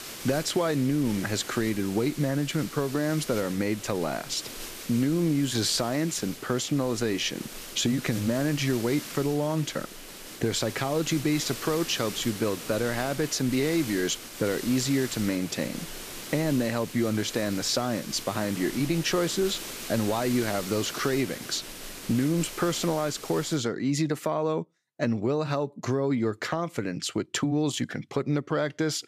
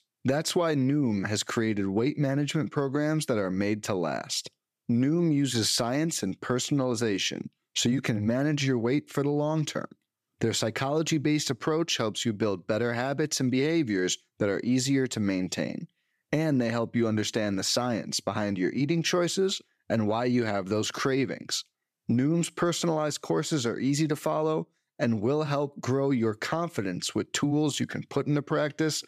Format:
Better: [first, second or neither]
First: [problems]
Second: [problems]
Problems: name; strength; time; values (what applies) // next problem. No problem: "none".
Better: second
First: hiss; noticeable; until 24 s; 10 dB below the speech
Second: none